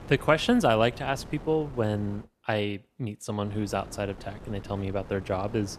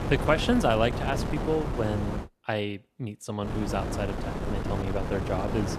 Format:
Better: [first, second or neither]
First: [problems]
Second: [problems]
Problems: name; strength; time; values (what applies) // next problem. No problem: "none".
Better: first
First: wind noise on the microphone; occasional gusts; until 2 s and from 3.5 s on; 20 dB below the speech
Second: wind noise on the microphone; heavy; until 2 s and from 3.5 s on; 6 dB below the speech